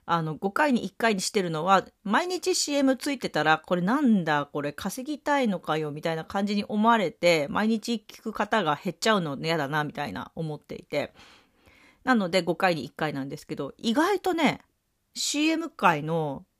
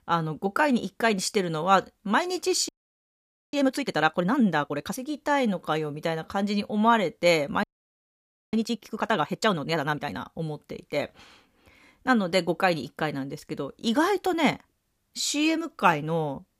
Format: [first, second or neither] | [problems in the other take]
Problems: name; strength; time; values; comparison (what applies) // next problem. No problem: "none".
first | audio freezing; at 2.5 s for 1 s and at 7.5 s for 1 s